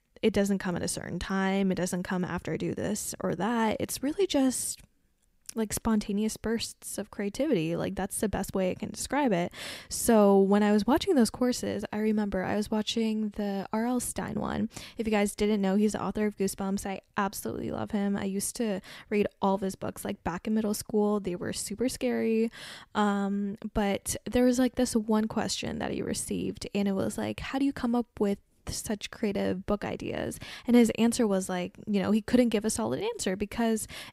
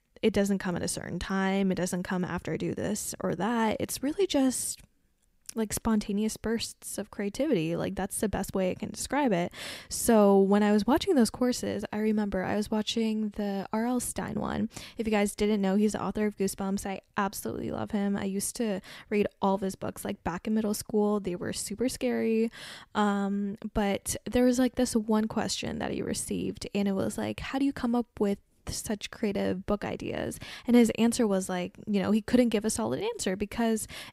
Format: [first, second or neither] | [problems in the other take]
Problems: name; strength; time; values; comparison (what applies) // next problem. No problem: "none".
neither | none